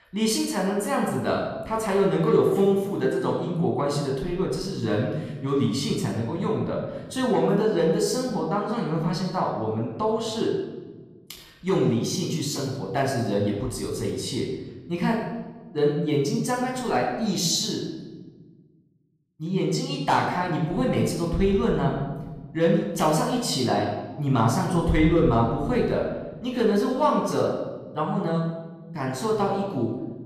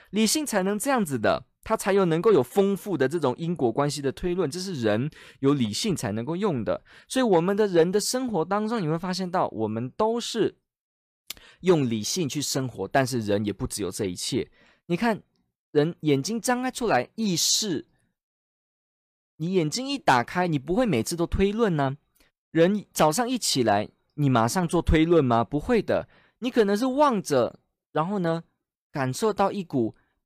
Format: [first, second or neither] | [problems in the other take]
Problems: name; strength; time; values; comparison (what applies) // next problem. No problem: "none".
second | off-mic speech; somewhat distant // room echo; noticeable; dies away in 1.1 s